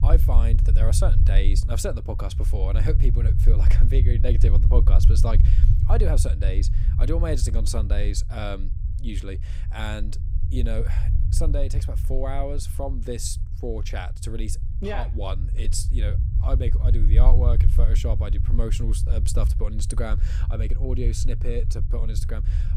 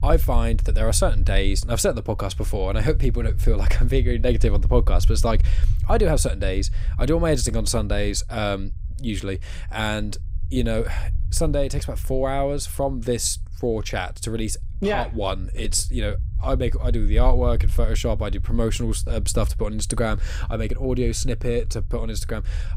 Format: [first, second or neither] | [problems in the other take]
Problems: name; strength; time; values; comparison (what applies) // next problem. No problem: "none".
second | low rumble; loud; throughout; 8 dB below the speech; faint in the second